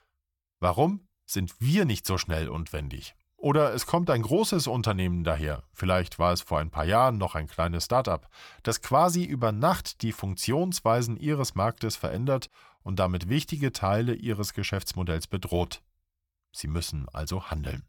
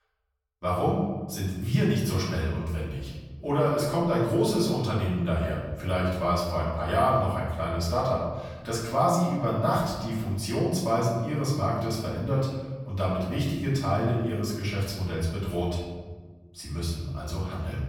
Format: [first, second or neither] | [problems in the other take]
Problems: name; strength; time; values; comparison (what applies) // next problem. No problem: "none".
first | off-mic speech; far // room echo; noticeable; dies away in 1.3 s